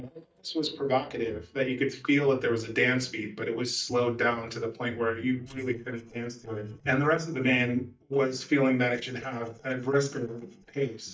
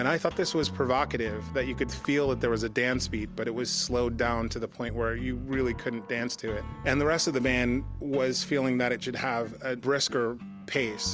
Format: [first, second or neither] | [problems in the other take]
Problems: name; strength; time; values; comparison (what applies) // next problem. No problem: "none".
second | noise reduction (neural mask model DeepFilterNet 3)